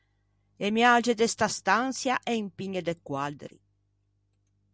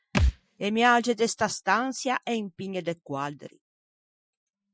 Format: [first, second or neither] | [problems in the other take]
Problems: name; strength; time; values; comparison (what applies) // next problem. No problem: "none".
first | noise reduction (classical method Wiener filter)